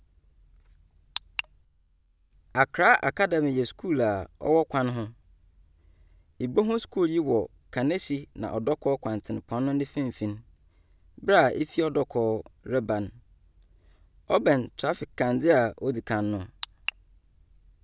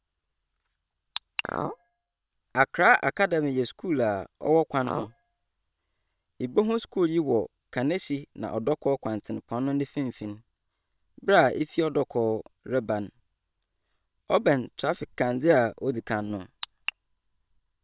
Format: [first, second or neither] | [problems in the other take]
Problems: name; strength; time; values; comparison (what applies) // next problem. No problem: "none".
first | noise reduction (neural separator model SepFormer WHAM!)